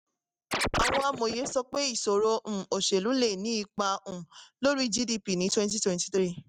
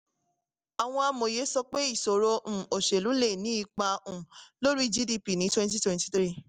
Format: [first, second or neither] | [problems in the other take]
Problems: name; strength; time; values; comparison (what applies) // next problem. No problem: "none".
second | noise reduction (neural mask model RNNoise)